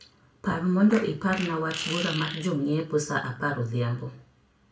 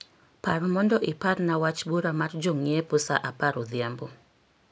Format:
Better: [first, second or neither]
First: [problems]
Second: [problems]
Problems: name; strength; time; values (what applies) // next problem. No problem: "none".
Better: second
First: background sound (Fart); 10 dB below the speech // room echo; dies away in 0.3 s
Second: none